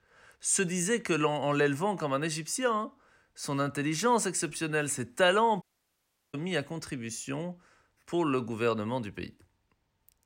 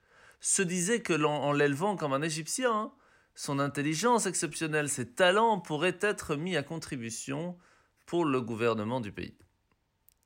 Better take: second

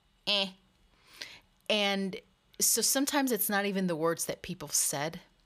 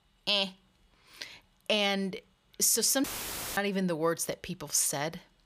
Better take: first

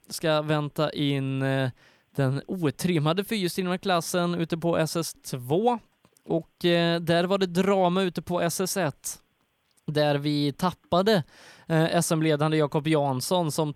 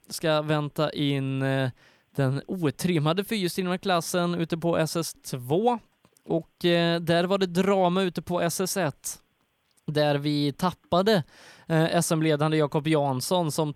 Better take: neither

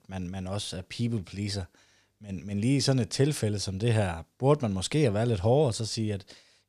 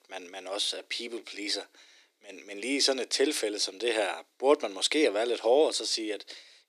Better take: first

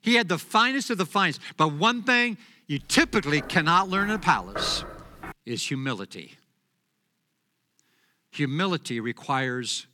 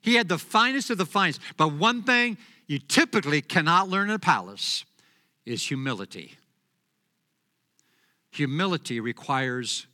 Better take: second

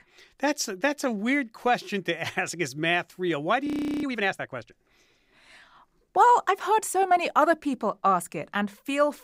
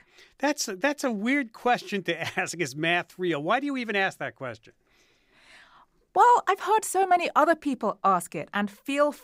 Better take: second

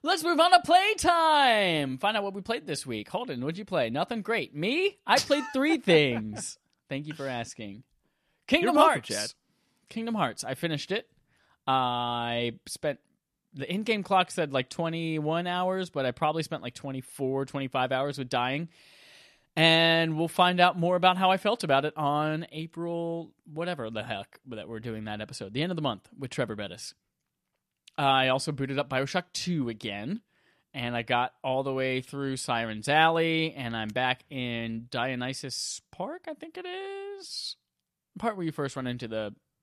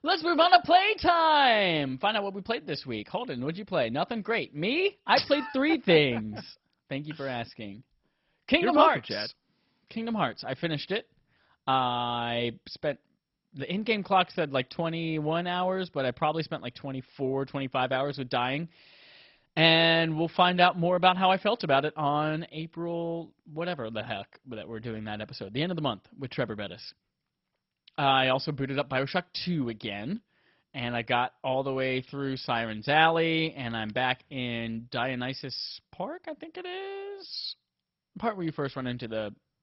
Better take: first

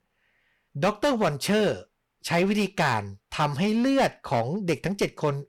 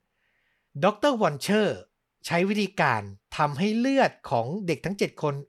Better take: second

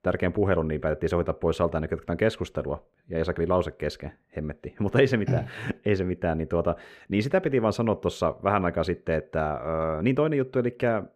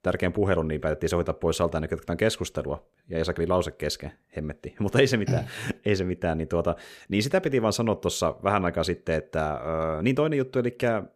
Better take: second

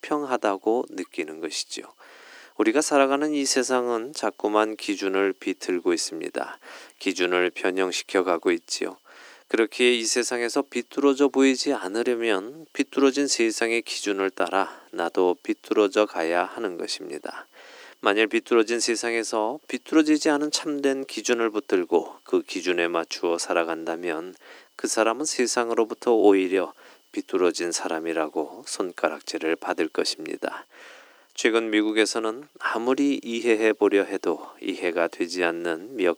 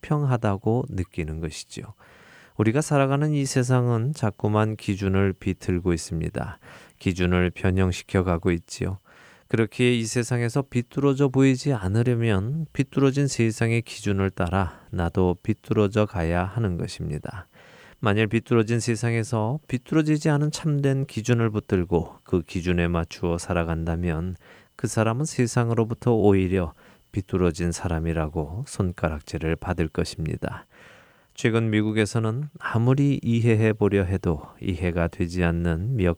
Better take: second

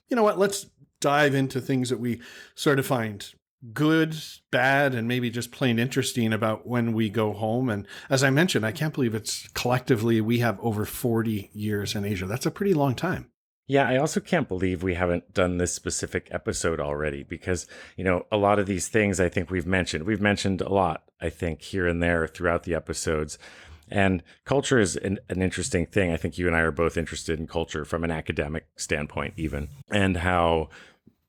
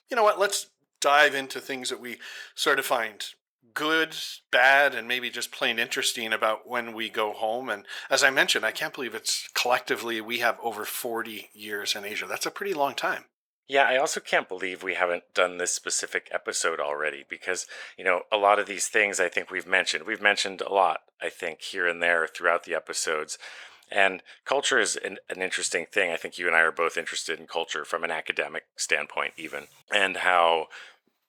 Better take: first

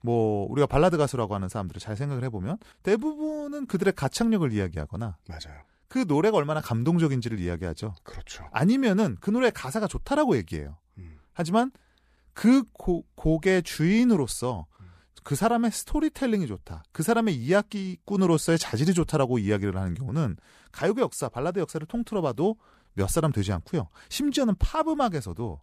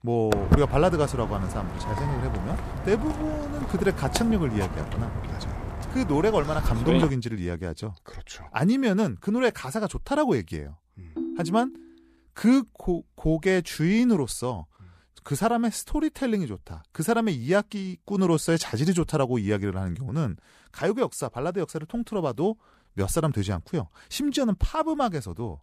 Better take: first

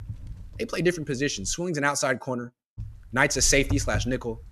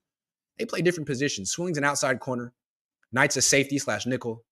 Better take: second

